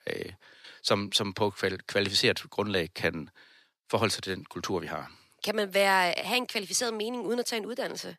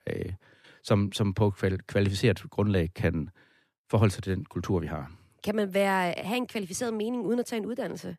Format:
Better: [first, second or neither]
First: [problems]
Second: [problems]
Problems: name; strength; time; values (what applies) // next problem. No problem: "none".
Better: second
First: thin; somewhat; fading below 750 Hz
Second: none